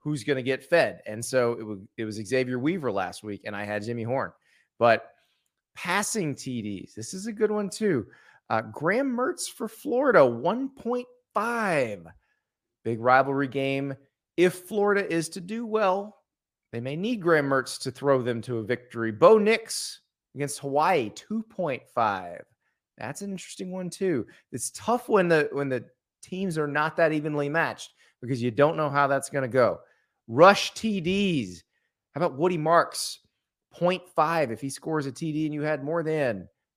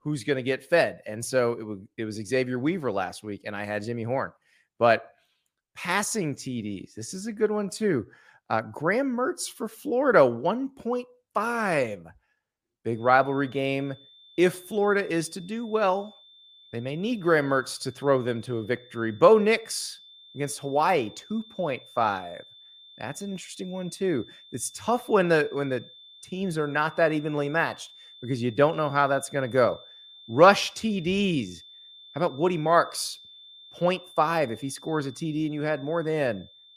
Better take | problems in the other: first | high-pitched whine; faint; from 13 s on; 3.5 kHz, 20 dB below the speech

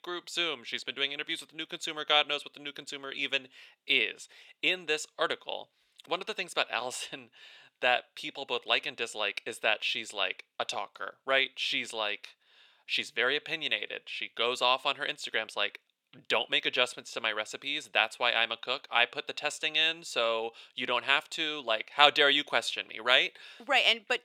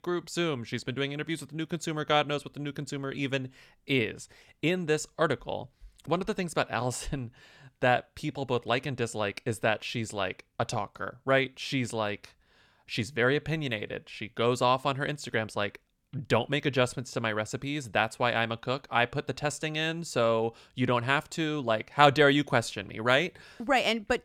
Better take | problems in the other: second | thin; somewhat; fading below 450 Hz

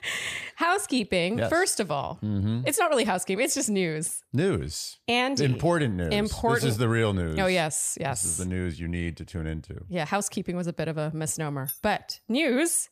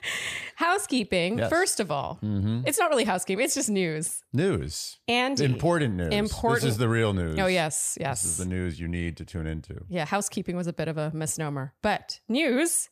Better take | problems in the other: second | jangling keys; noticeable; at 12 s; peak 9 dB below the speech

